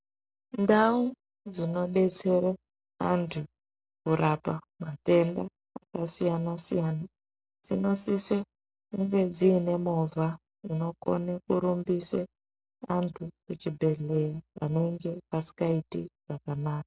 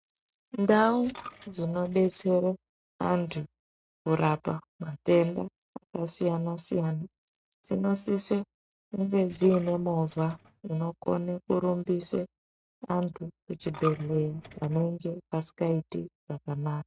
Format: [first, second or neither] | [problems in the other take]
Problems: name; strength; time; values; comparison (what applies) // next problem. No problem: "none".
first | noise reduction (neural mask model RNNoise)